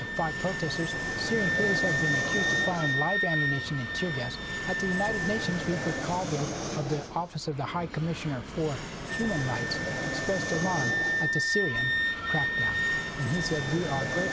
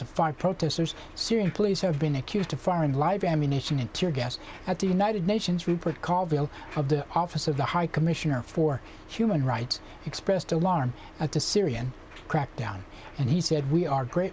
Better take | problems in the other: second | background sound (Fixed-wing aircraft, airplane + Wind instrument, woodwind instrument); 2 dB above the speech

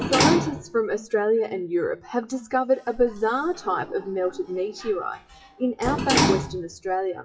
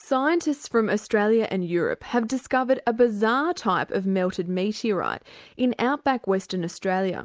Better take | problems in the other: second | noise reduction (classical method WPE with log-MMSE)

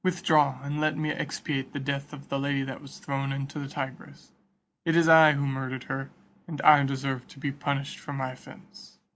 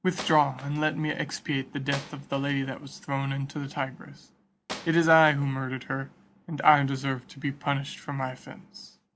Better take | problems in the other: first | background sound (Wood); 17 dB below the speech

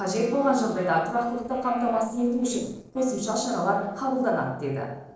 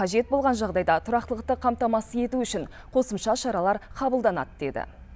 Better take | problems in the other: second | noise reduction (neural separator model SepFormer DNS4)

